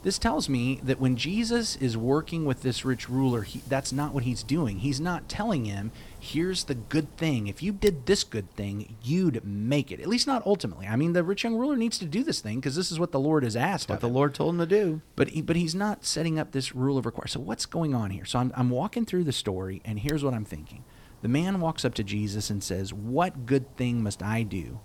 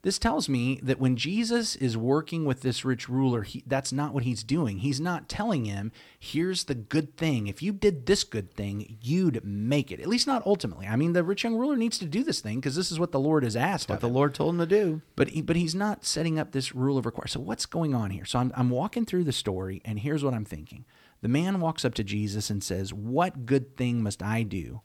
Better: second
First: wind noise on the microphone; occasional gusts; 20 dB below the speech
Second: none

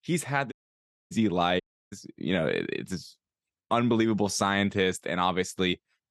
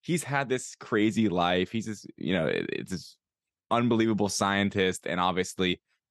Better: second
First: audio cutting out; at 0.5 s for 0.5 s and at 1.5 s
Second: none

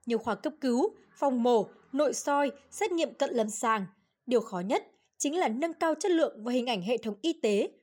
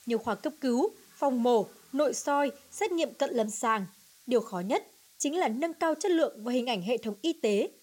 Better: first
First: none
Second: hiss; faint; throughout; 25 dB below the speech

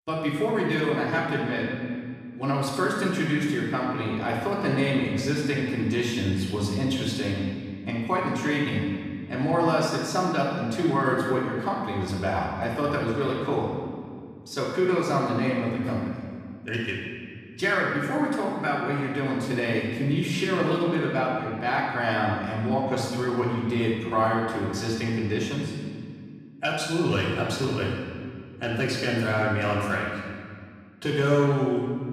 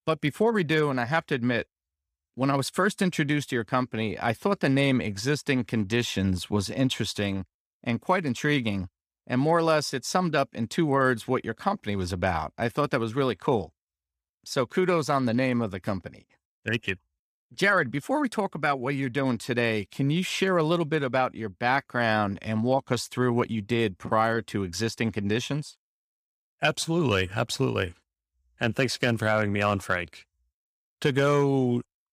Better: second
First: off-mic speech; far // room echo; noticeable; dies away in 1.8 s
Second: none

